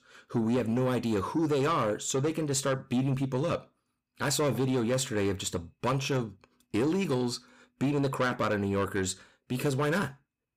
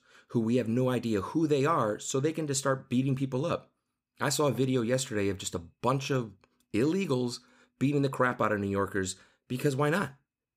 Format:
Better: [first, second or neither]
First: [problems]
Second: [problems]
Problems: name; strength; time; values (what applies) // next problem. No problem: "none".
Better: second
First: distortion; slight; 10 dB below the speech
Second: none